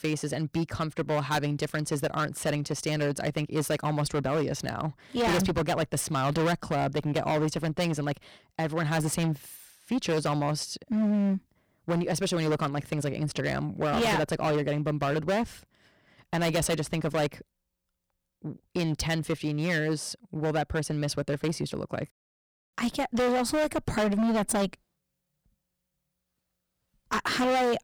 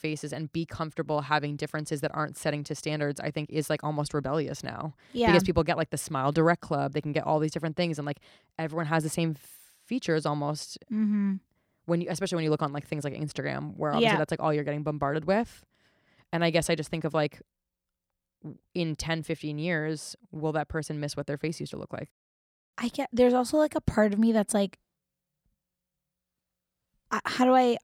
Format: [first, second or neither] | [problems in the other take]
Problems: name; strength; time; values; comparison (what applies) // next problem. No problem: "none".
second | distortion; heavy; 14% of the sound clipped